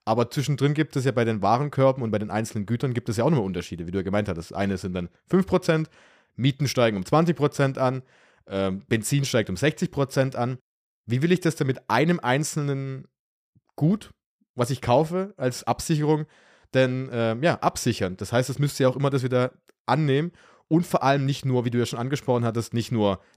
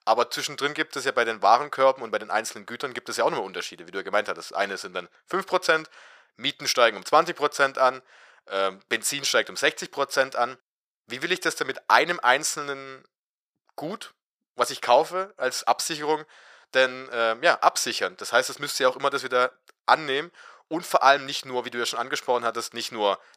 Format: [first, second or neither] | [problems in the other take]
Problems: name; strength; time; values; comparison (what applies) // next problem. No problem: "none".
first | thin; very; fading below 700 Hz